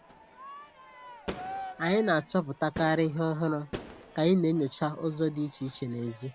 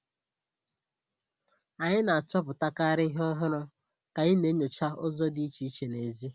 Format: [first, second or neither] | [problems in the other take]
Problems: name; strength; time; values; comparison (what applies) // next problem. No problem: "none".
second | background sound (Crowd / Fireworks); 14 dB below the speech